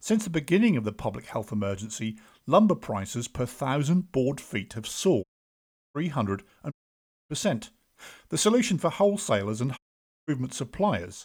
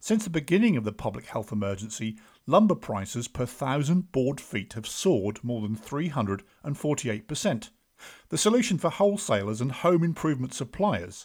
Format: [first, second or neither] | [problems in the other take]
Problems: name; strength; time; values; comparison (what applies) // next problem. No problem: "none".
second | audio cutting out; at 5 s for 0.5 s, at 6.5 s for 0.5 s and at 10 s